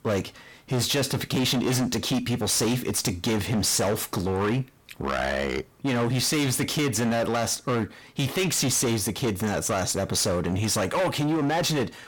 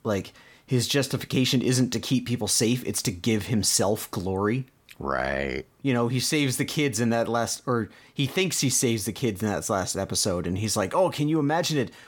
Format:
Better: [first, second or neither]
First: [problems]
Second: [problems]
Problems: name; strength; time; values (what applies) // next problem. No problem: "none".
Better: second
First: distortion; heavy; 25% of the sound clipped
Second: none